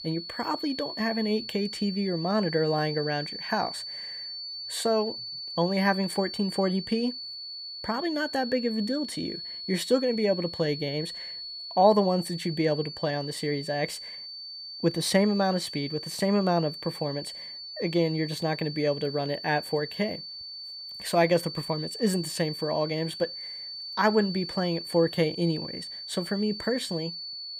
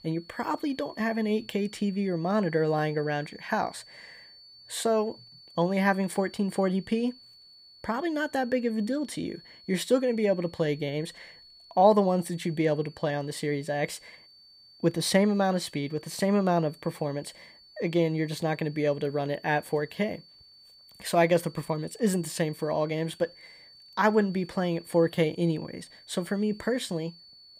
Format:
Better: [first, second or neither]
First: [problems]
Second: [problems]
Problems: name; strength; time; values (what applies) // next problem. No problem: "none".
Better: second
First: high-pitched whine; loud; throughout; 4.5 kHz, 8 dB below the speech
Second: high-pitched whine; faint; throughout; 4.5 kHz, 25 dB below the speech